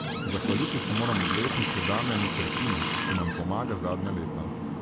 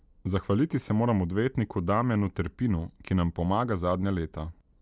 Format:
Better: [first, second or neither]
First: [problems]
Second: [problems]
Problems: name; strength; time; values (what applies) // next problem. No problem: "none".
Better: second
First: background sound (Water tap, faucet); 1 dB above the speech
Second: none